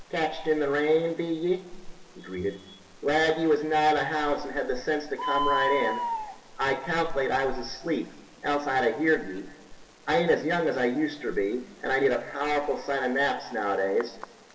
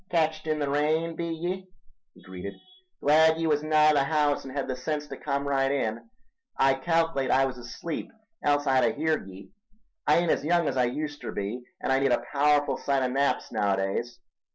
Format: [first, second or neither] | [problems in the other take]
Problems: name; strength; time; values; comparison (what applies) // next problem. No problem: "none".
second | background sound (Bird); 12 dB below the speech // room echo; dies away in 1.9 s